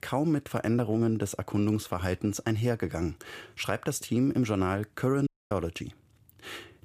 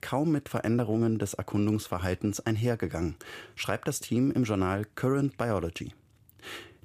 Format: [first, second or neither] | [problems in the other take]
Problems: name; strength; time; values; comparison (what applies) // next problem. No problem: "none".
second | audio cutting out; at 5.5 s